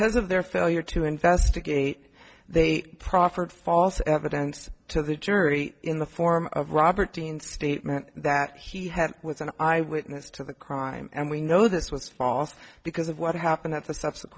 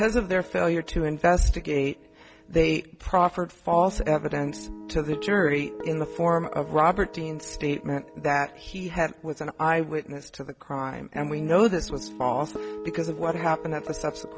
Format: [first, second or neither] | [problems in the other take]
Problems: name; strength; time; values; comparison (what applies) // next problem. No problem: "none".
first | background sound (Guitar); 15 dB below the speech